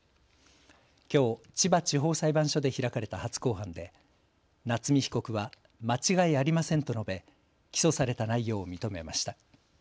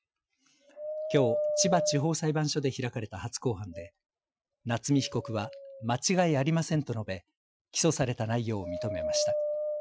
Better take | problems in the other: first | noise reduction (classical method Wiener filter)

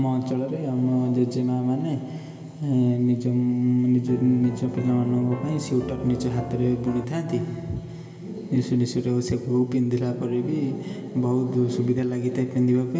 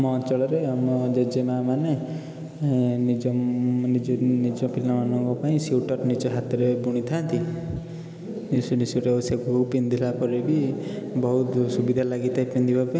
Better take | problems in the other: second | background sound (Piano); 14 dB below the speech // room echo; dies away in 0.9 s

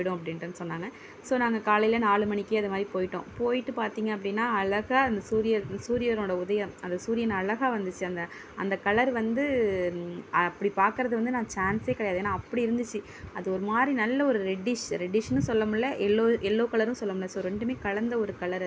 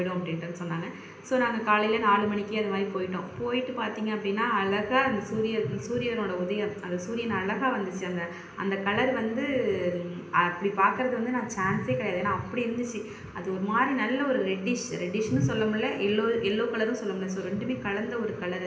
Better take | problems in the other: first | room echo; dies away in 0.8 s

